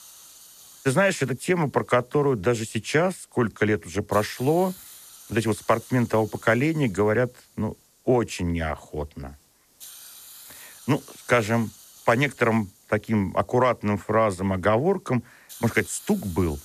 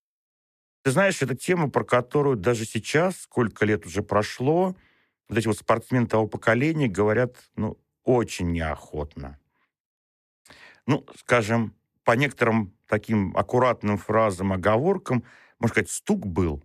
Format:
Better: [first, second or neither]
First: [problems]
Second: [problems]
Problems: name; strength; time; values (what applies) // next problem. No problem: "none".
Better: second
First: hiss; faint; throughout; 20 dB below the speech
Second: none